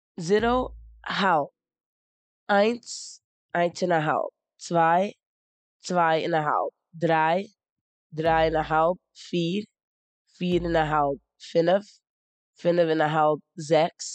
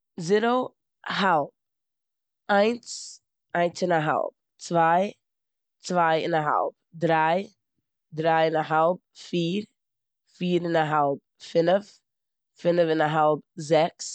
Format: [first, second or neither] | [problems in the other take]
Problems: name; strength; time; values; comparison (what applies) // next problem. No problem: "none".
second | noise reduction (classical method spectral subtraction)